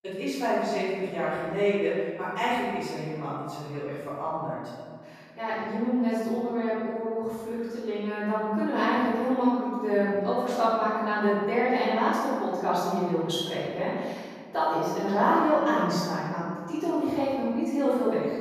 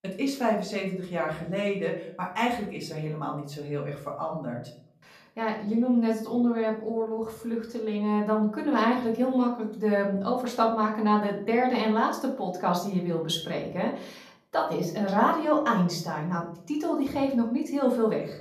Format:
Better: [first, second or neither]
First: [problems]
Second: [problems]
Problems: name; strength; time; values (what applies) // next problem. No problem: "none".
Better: second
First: room echo; strong; dies away in 1.5 s // off-mic speech; far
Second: room echo; slight; dies away in 0.5 s // off-mic speech; far